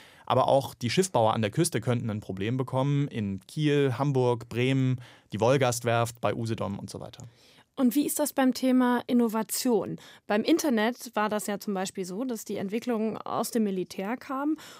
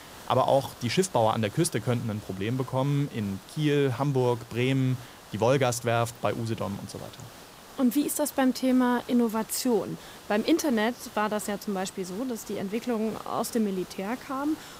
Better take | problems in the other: first | hiss; noticeable; throughout; 20 dB below the speech

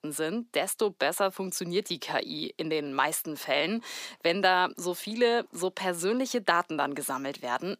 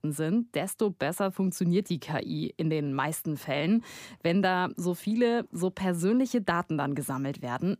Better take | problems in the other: second | thin; somewhat; fading below 450 Hz

